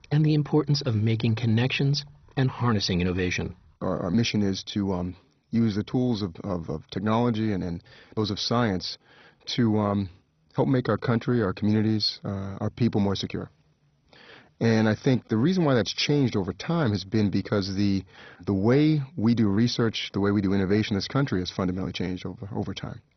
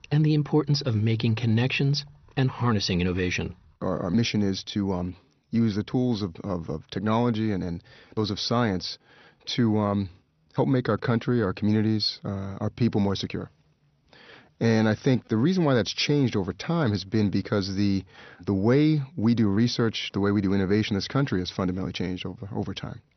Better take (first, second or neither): second